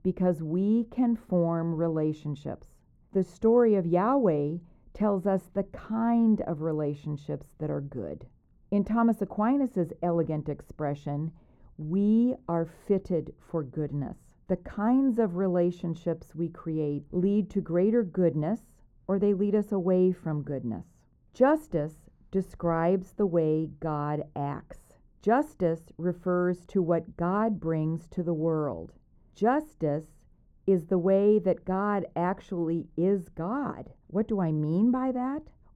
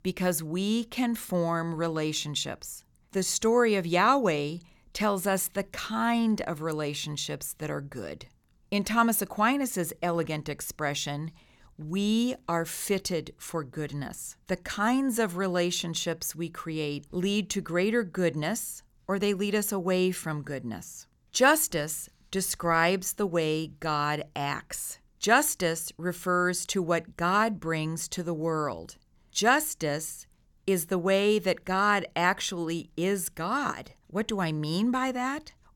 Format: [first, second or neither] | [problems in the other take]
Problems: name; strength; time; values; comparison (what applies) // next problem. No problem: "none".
second | muffled; very; fading above 1.5 kHz